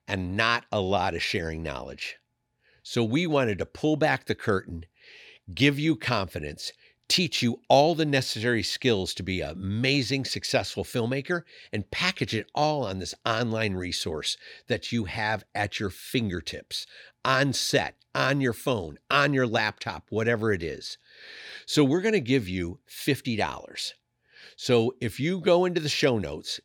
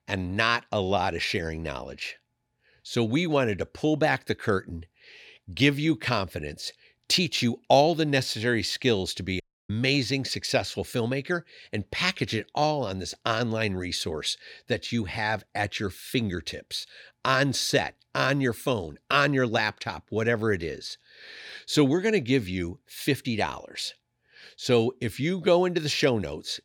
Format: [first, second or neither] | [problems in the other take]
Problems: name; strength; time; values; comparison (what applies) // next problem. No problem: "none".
first | audio cutting out; at 9.5 s